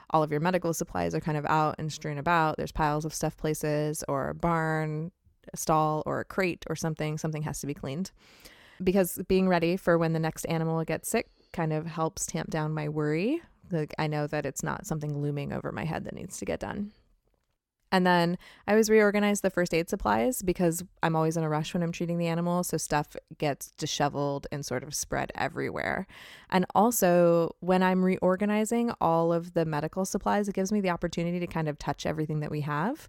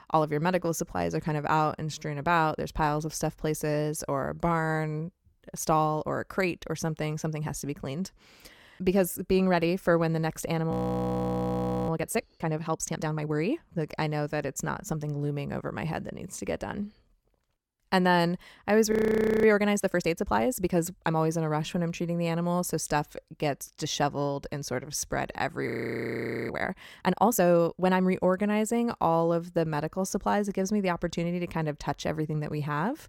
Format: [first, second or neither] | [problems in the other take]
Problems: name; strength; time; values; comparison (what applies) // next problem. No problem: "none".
first | audio freezing; at 11 s for 1 s, at 19 s for 0.5 s and at 26 s for 1 s